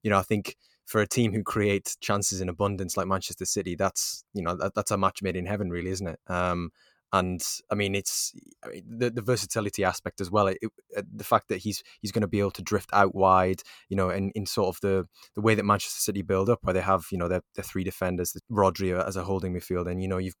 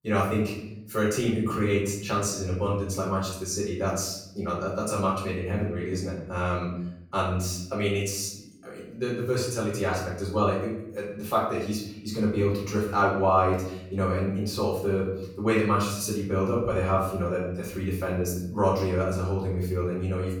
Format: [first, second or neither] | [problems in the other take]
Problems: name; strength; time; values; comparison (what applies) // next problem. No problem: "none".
first | room echo; noticeable; dies away in 0.8 s // off-mic speech; far